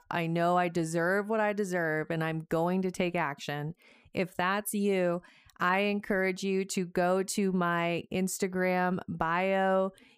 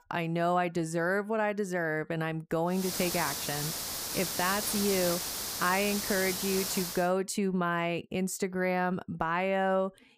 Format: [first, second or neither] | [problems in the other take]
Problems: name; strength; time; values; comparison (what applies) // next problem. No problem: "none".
first | hiss; loud; from 3 to 7 s; 2 dB below the speech